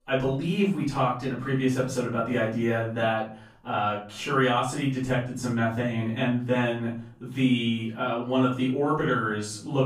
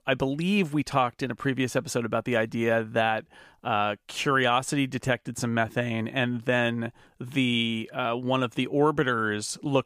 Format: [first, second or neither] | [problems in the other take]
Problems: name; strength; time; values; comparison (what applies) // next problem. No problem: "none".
second | off-mic speech; far // room echo; noticeable; dies away in 0.4 s